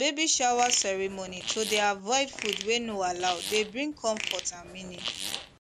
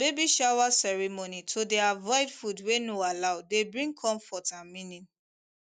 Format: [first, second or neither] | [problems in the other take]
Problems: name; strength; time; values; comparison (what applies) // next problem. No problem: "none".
second | background sound (Fart); 8 dB below the speech